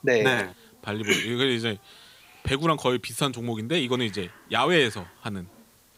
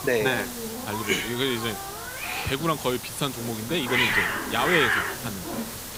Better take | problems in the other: first | hiss; loud; throughout; 1 dB below the speech; faint in the first

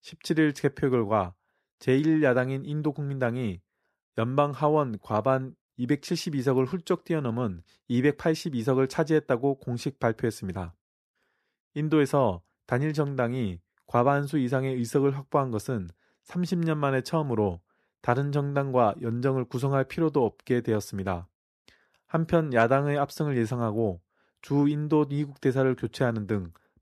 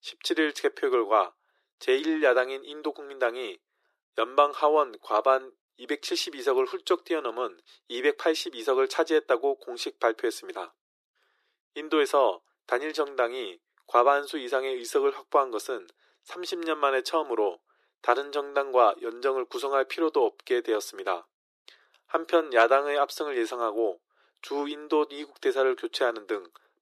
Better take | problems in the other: first | thin; very; fading below 350 Hz

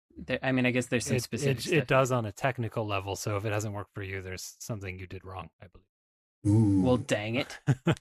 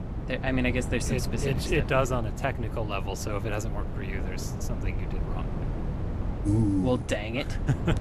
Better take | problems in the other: first | wind noise on the microphone; occasional gusts; 10 dB below the speech

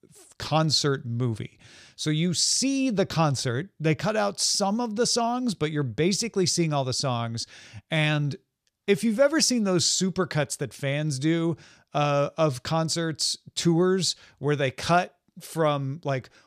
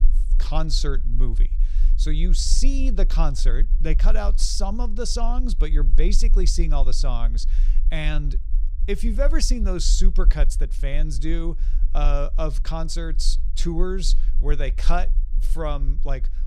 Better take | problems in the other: first | low rumble; faint; throughout; 20 dB below the speech

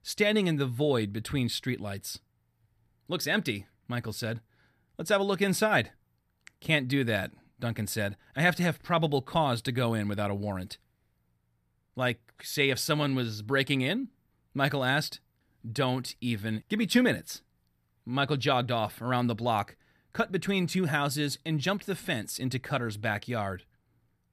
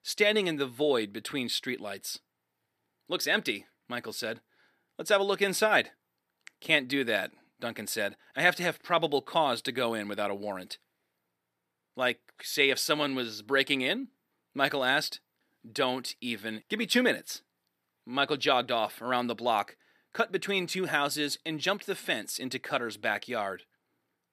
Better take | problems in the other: first | thin; somewhat; fading below 350 Hz

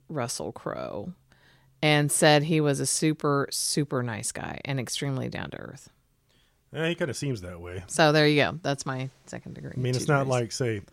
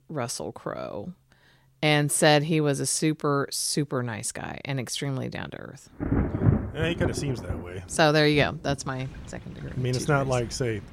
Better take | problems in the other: first | rain or running water; loud; from 6 s on; 4 dB below the speech

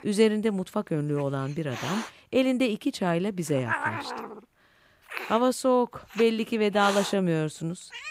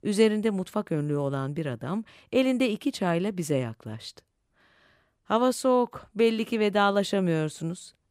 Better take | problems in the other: second | hiss; loud; throughout; 8 dB below the speech

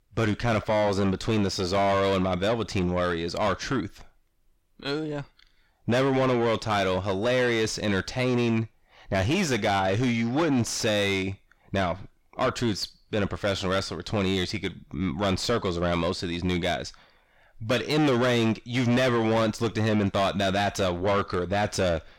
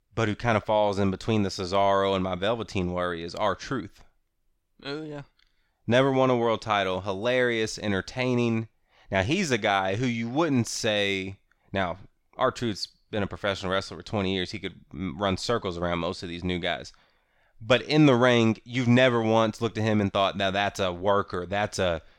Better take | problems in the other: second | distortion; heavy; 7 dB below the speech

